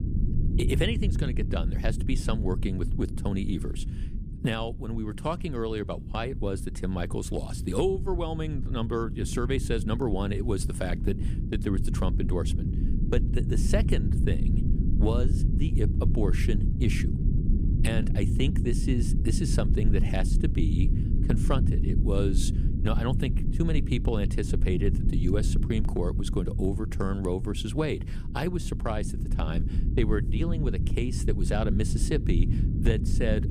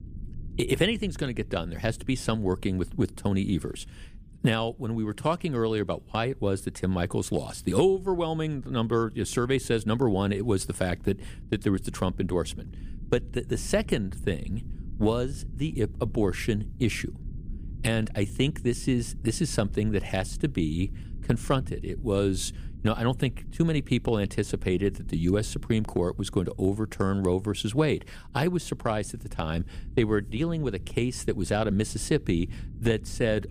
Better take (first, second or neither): second